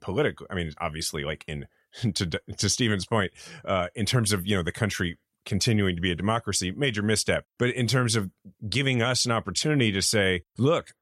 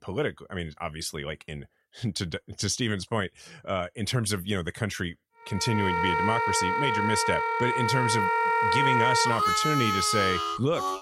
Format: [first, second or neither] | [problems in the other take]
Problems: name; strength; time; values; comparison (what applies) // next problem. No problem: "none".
first | background music; very loud; from 6 s on; 4 dB above the speech